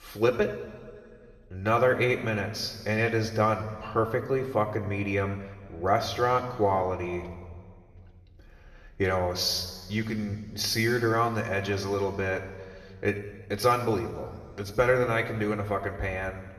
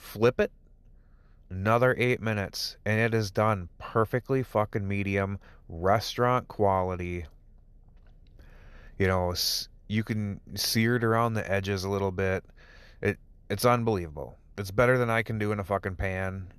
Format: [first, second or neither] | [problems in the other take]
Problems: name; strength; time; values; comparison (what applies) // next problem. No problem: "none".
second | room echo; noticeable; dies away in 1.7 s // off-mic speech; somewhat distant